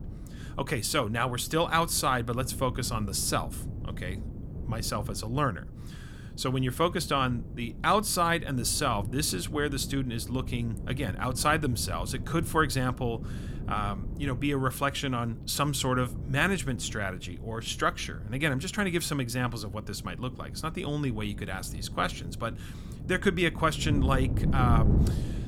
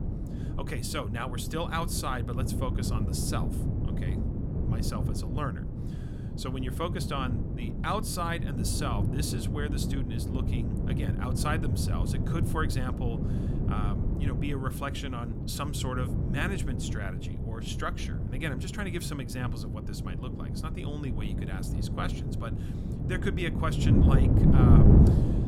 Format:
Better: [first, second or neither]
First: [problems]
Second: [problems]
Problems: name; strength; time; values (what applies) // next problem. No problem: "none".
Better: first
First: wind noise on the microphone; occasional gusts; 15 dB below the speech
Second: wind noise on the microphone; heavy; 3 dB below the speech